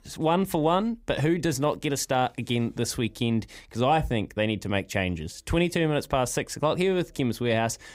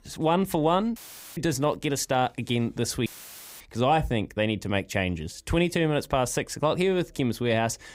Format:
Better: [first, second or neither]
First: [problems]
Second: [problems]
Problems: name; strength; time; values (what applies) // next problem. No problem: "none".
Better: first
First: none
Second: audio cutting out; filled with static; at 1 s and at 3 s for 0.5 s